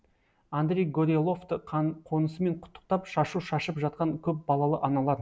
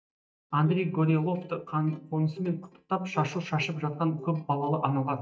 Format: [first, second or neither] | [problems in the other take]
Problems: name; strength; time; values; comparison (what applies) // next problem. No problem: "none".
first | noise reduction (neural mask model DeepFilterNet 3)